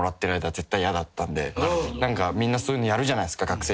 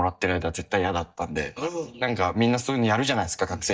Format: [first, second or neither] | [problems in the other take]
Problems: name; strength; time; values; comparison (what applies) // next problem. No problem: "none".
first | noise reduction (neural mask model DeepFilterNet 3)